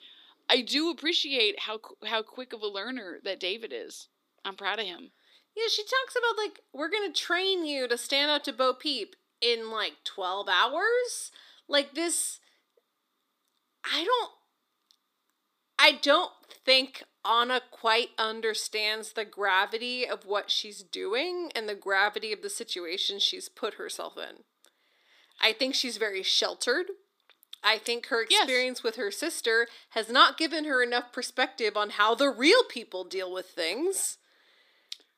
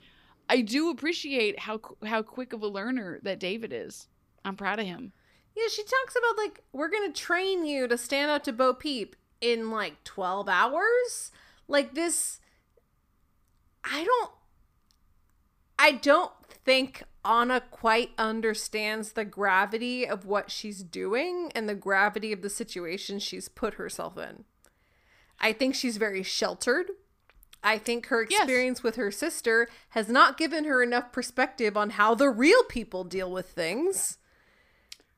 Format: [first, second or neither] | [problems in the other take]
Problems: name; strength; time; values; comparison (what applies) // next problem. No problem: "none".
second | thin; very slightly; fading below 300 Hz